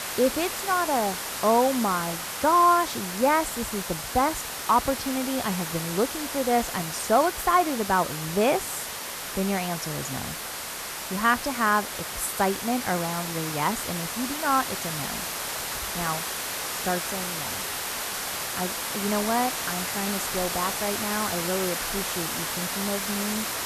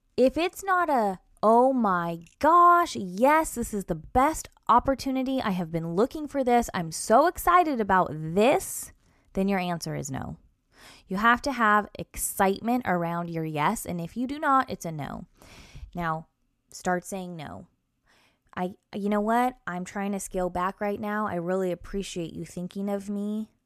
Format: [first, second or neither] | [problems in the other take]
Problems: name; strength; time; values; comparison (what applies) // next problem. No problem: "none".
second | hiss; loud; throughout; 3 dB below the speech